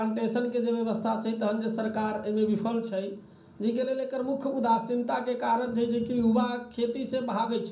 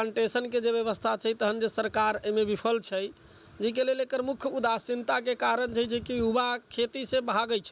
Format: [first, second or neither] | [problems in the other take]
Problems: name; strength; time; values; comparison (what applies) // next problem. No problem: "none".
second | room echo; dies away in 0.6 s